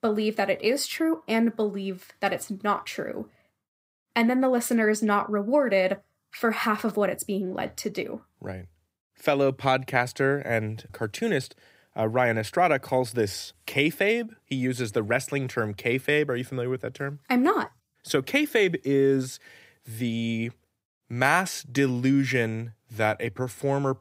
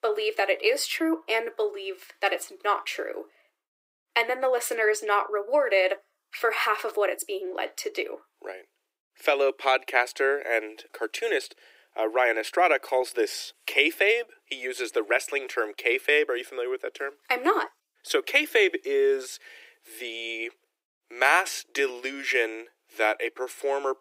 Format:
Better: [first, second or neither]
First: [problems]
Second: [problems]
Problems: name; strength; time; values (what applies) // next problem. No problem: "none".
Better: first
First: none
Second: thin; very; fading below 350 Hz